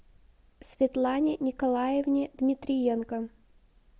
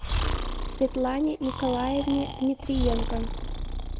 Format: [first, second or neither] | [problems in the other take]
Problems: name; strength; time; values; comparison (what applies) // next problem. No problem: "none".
first | background sound (Breathing); 2 dB below the speech